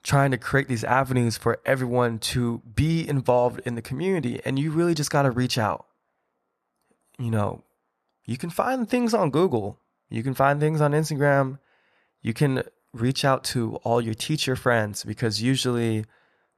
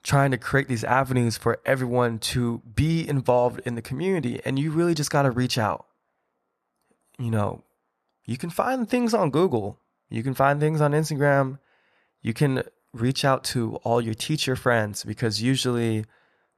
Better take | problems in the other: neither | none

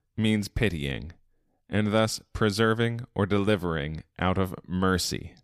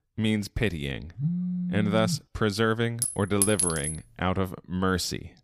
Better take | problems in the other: first | phone ringing; noticeable; from 1 to 2 s; peak 1 dB below the speech // clattering dishes; loud; at 3 s; peak 4 dB above the speech

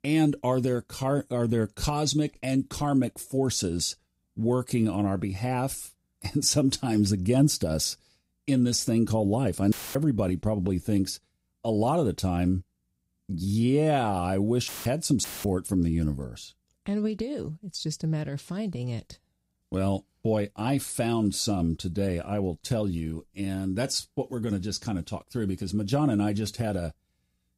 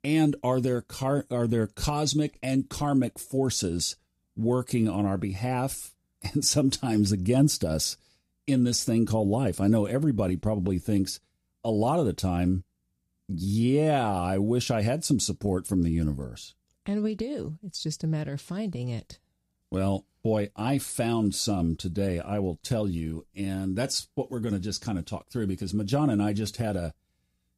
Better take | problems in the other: second | audio cutting out; filled with static; at 9.5 s and at 15 s

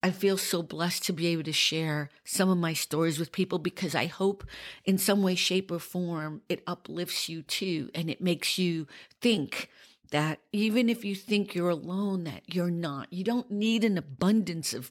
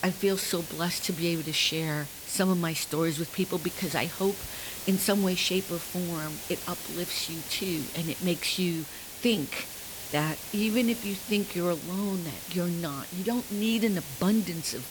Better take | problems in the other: first | hiss; loud; throughout; 8 dB below the speech

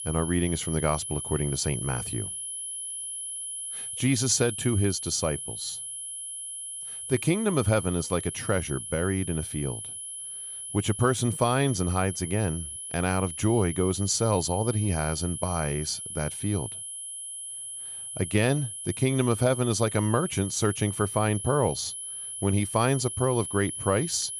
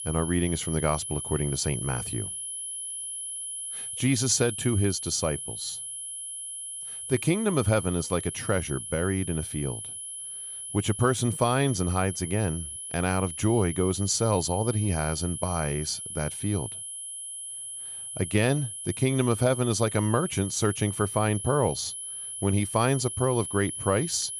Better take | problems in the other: neither | high-pitched whine; loud; throughout; 10.5 kHz, 7 dB below the speech; the same in both

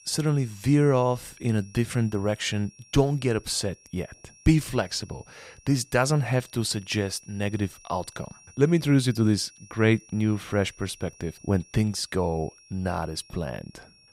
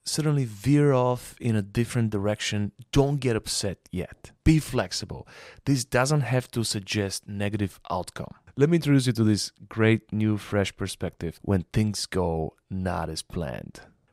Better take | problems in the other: second | high-pitched whine; faint; throughout; 5.5 kHz, 25 dB below the speech

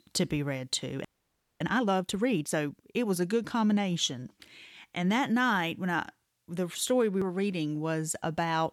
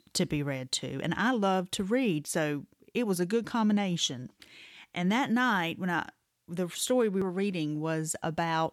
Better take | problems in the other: second | audio freezing; at 1 s for 0.5 s

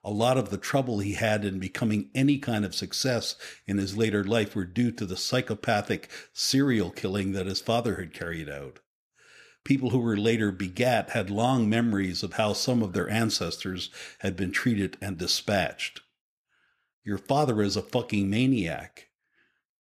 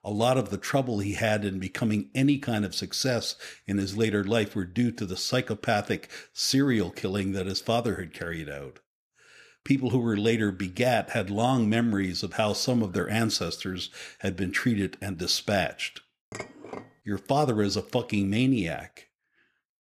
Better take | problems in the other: first | clattering dishes; faint; at 16 s; peak 15 dB below the speech

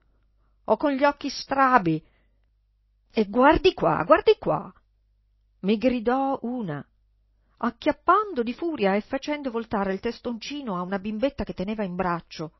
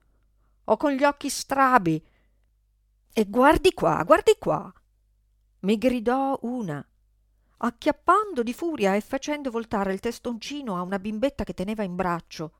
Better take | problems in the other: second | garbled, watery; slightly; nothing above 5.5 kHz

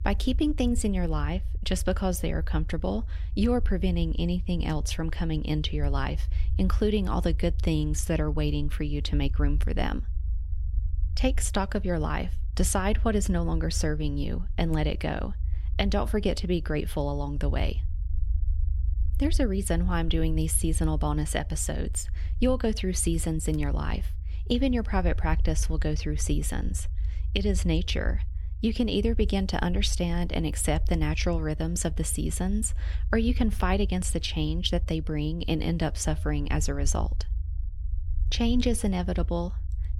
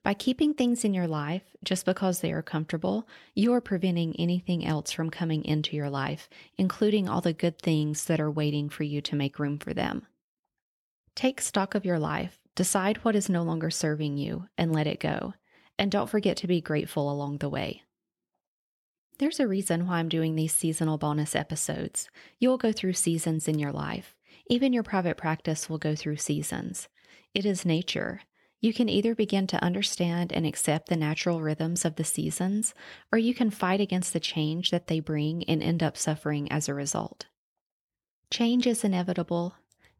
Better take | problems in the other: second | low rumble; faint; throughout; 20 dB below the speech

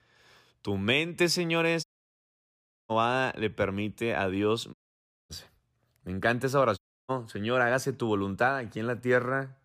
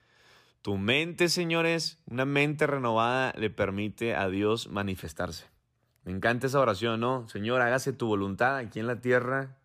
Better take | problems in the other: second | audio cutting out; at 2 s for 1 s, at 4.5 s for 0.5 s and at 7 s

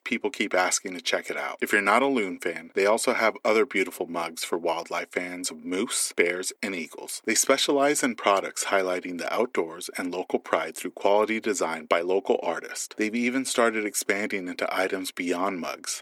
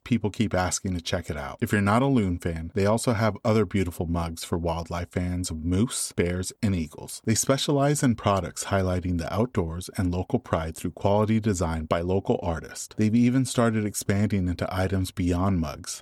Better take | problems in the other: second | thin; somewhat; fading below 300 Hz

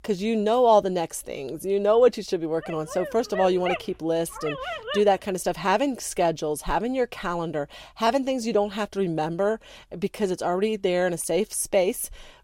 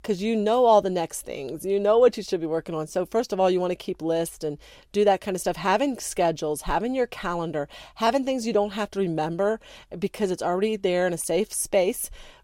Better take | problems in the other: second | dog barking; noticeable; from 2.5 to 5 s; peak 5 dB below the speech

